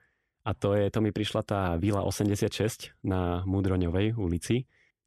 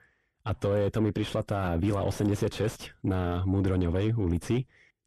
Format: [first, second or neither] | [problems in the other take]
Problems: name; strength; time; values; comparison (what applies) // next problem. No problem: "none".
first | distortion; slight; 9 dB below the speech